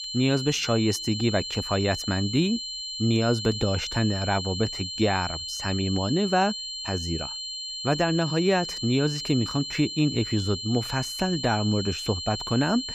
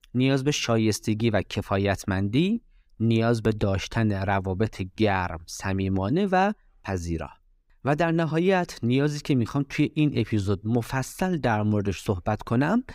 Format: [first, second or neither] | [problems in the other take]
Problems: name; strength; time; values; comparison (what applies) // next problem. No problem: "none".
second | high-pitched whine; loud; throughout; 4 kHz, 5 dB below the speech